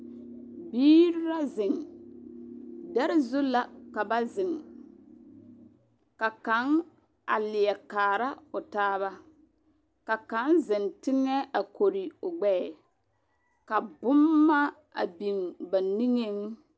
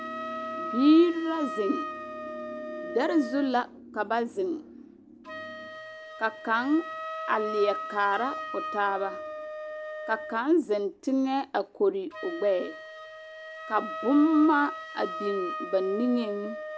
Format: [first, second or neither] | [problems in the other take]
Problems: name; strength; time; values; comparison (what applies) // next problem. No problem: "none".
first | background sound (Wind instrument, woodwind instrument); 9 dB below the speech